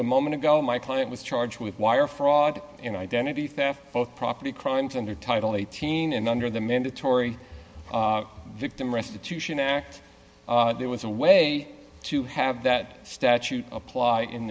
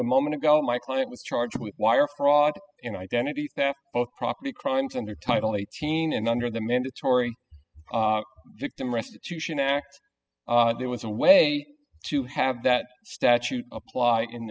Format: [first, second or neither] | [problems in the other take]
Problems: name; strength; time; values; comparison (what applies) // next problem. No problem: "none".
first | noise reduction (classical method spectral subtraction)